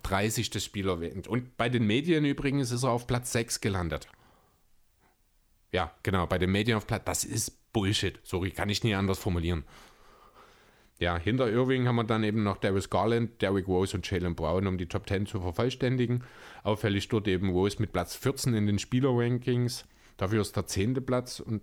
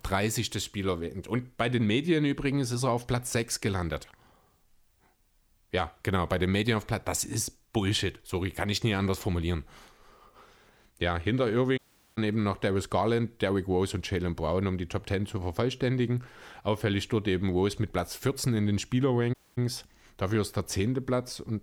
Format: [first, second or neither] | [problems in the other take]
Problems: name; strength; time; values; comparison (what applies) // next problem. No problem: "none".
first | audio cutting out; at 12 s and at 19 s